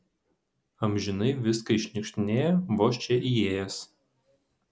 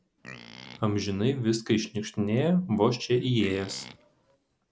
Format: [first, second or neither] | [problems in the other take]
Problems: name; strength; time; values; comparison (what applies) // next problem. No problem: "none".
first | background sound (Livestock, farm animals, working animals); 19 dB below the speech